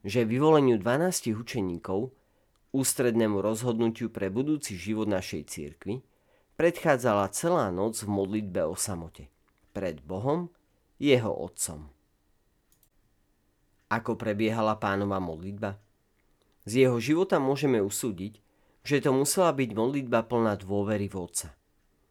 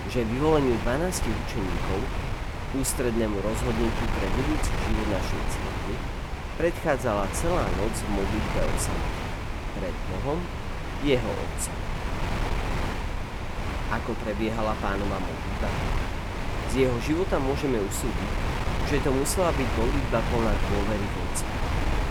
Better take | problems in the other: first | wind noise on the microphone; heavy; 3 dB below the speech

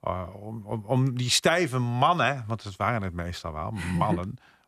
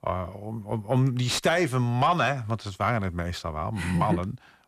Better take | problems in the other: first | distortion; slight; 10 dB below the speech

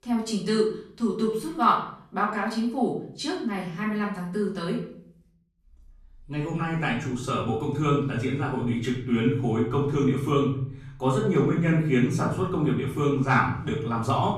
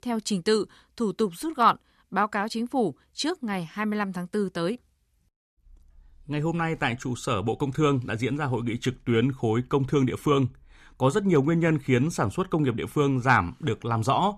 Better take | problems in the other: second | off-mic speech; far // room echo; noticeable; dies away in 0.6 s

